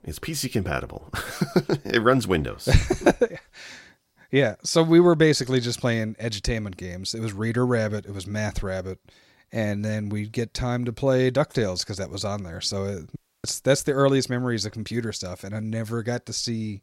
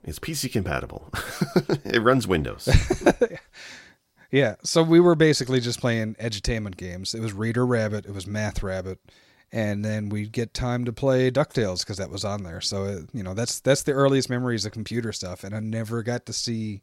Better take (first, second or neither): second